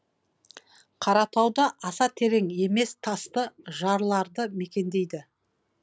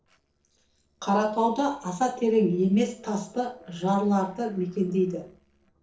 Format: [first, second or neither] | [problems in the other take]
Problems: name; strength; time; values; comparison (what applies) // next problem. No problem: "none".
first | noise reduction (neural separator model SepFormer DNS4)